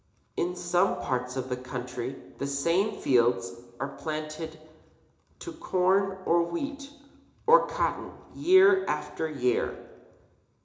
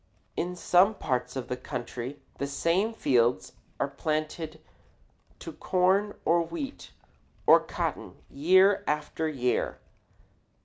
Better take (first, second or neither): second